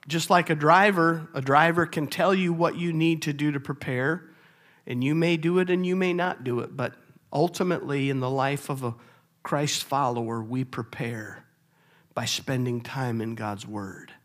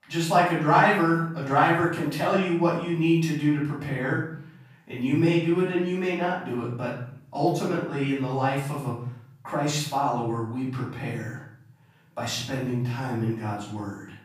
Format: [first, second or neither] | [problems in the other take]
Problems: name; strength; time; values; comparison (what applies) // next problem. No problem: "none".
first | off-mic speech; far // room echo; noticeable; dies away in 0.6 s